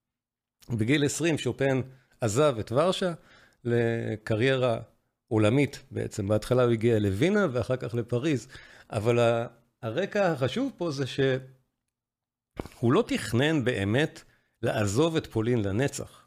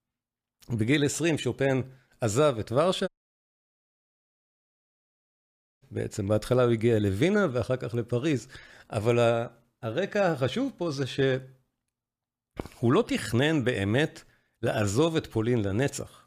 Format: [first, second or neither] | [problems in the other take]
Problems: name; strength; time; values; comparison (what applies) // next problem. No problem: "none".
first | audio cutting out; at 3 s for 2.5 s